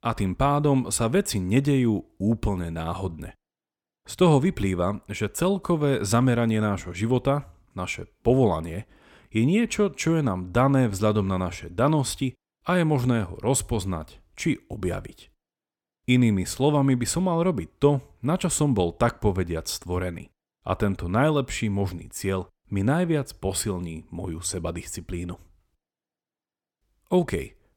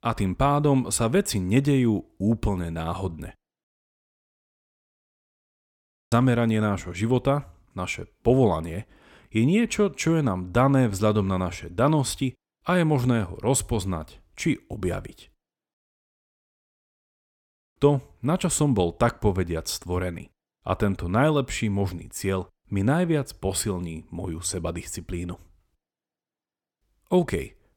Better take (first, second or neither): first